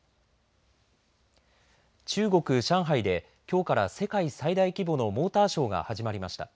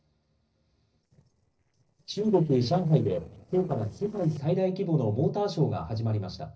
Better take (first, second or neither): first